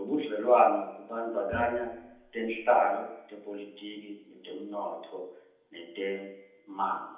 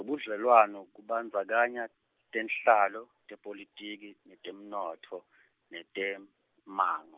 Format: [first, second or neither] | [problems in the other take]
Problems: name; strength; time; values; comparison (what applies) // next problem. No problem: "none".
second | background sound (Bowed string instrument); 15 dB below the speech // room echo; dies away in 1.3 s